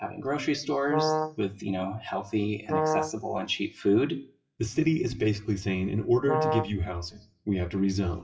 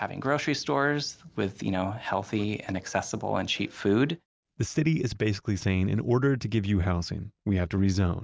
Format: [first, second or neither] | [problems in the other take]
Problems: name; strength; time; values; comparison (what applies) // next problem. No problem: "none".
second | noise reduction (classical method WPE with log-MMSE)